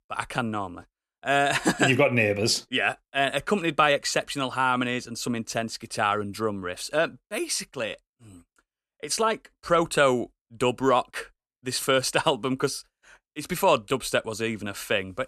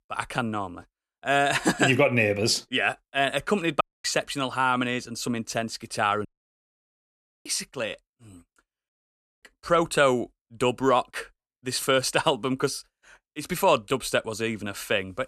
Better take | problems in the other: first | audio cutting out; at 4 s, at 6.5 s for 1 s and at 9 s for 0.5 s

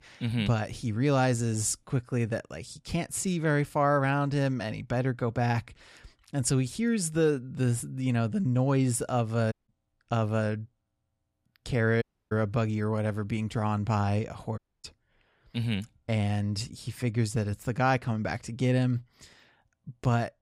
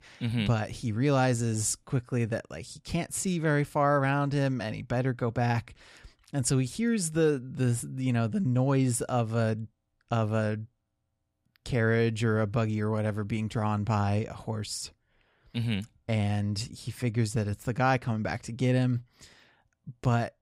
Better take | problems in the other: second | audio cutting out; at 9.5 s, at 12 s and at 15 s

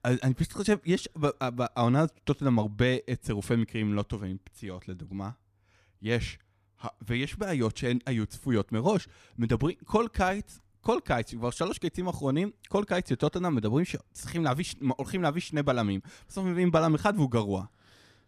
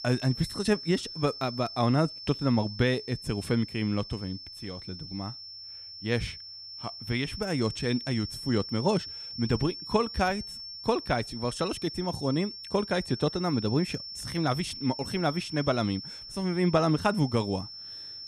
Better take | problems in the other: first | high-pitched whine; loud; throughout; 5.5 kHz, 10 dB below the speech

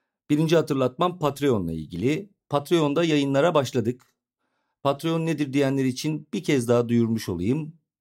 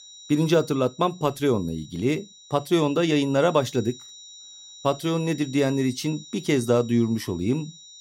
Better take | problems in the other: first | high-pitched whine; noticeable; throughout; 4 kHz, 20 dB below the speech

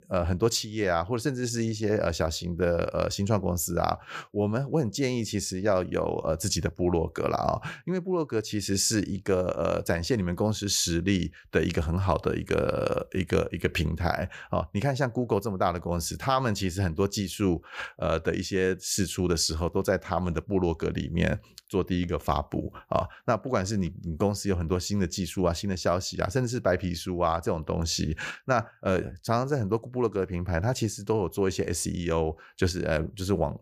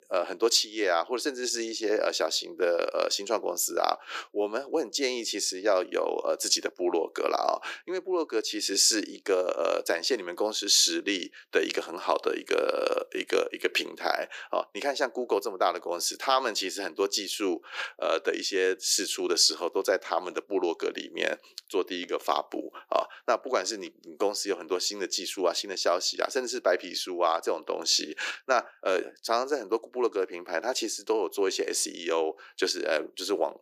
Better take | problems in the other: first | thin; very; fading below 300 Hz

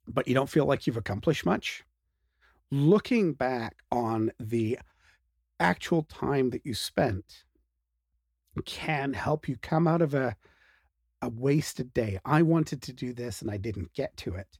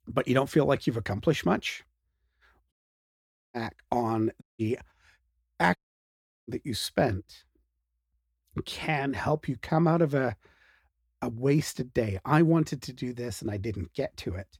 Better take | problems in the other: first | audio cutting out; at 2.5 s for 1 s, at 4.5 s and at 6 s for 0.5 s

